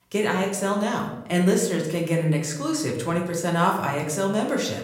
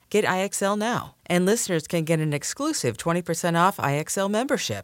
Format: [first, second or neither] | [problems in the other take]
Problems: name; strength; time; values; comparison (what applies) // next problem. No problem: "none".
second | room echo; slight; dies away in 0.8 s // off-mic speech; somewhat distant